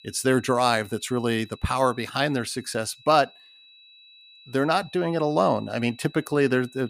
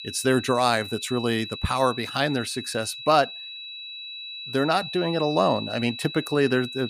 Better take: first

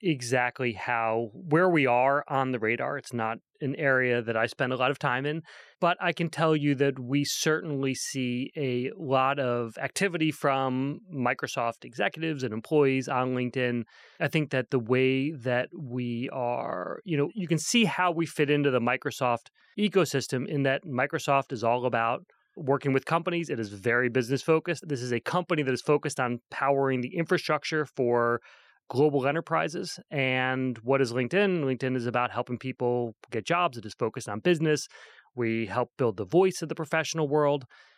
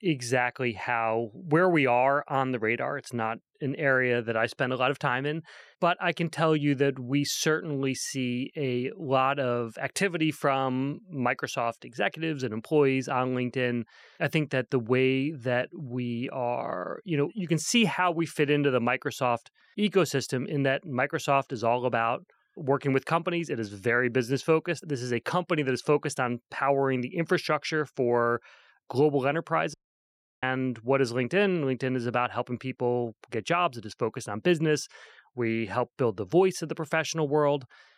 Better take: first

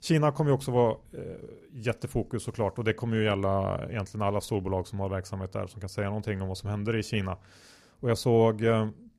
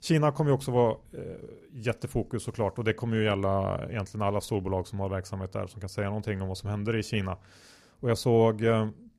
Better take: neither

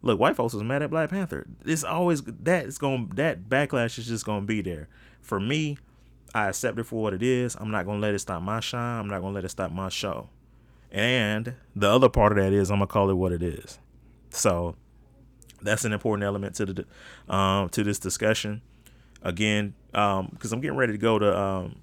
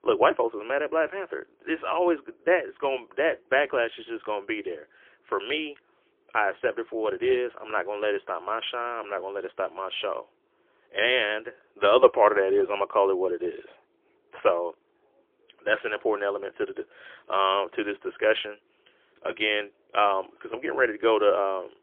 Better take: first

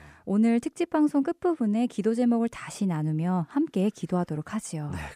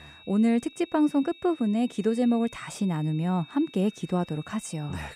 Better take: first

